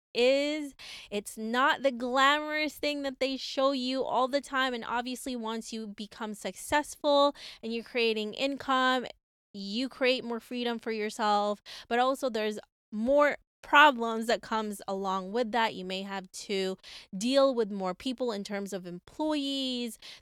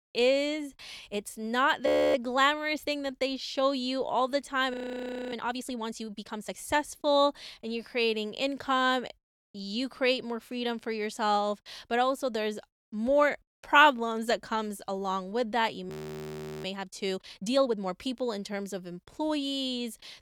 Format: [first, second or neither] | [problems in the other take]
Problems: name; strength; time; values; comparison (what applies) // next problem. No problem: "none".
first | audio freezing; at 2 s, at 4.5 s for 0.5 s and at 16 s for 0.5 s